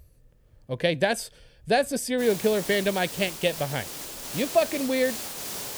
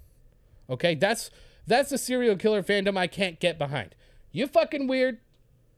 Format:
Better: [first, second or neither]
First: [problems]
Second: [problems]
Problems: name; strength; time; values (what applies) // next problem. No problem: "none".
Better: second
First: hiss; loud; from 2 s on; 8 dB below the speech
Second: none